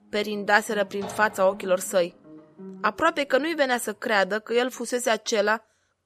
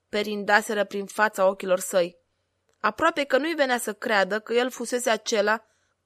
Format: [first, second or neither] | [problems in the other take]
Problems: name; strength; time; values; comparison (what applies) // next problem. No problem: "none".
second | background music; noticeable; throughout; 20 dB below the speech